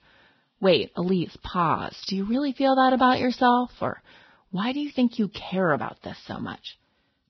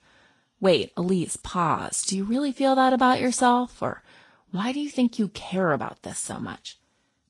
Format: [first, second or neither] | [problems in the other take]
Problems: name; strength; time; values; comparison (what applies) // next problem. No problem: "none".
second | garbled, watery; badly; nothing above 5.5 kHz; slightly in the second